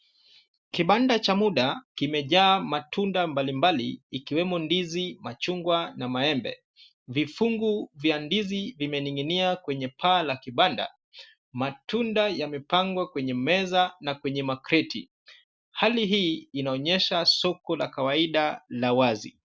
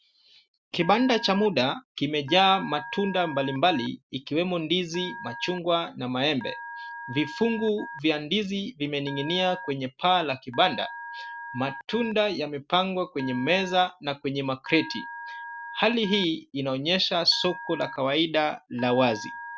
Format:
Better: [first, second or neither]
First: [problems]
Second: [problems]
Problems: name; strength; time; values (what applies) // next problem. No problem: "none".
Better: first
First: none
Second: background sound (Telephone); 15 dB below the speech